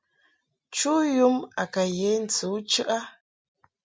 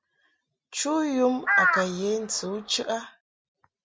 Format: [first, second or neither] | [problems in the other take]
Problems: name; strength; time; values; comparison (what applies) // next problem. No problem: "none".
first | background sound (Crow); 1 dB above the speech